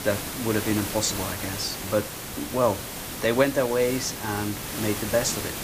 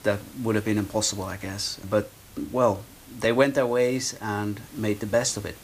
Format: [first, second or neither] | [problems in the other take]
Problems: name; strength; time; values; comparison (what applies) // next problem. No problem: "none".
second | hiss; loud; throughout; 5 dB below the speech; faint in the second